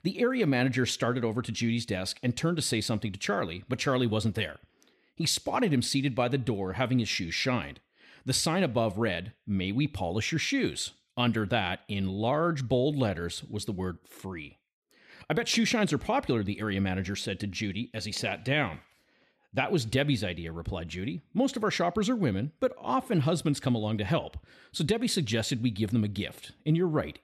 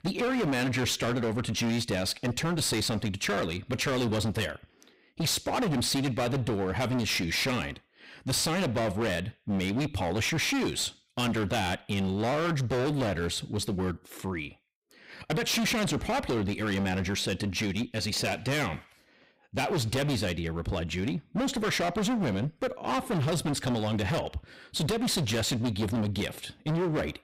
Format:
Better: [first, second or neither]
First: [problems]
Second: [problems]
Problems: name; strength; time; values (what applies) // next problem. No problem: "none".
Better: first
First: none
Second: distortion; heavy; 27% of the sound clipped